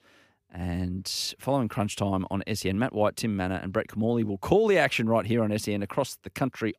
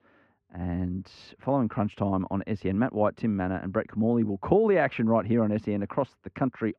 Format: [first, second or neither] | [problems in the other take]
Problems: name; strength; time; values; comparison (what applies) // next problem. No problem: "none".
first | muffled; very; fading above 1.5 kHz